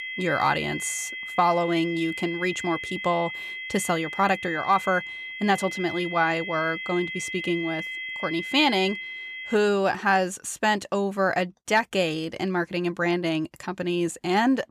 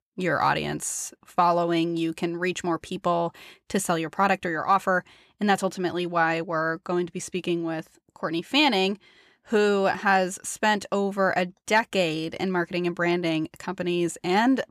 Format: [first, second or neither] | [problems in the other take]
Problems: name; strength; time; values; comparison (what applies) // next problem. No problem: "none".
second | high-pitched whine; loud; until 9.5 s; 2 kHz, 7 dB below the speech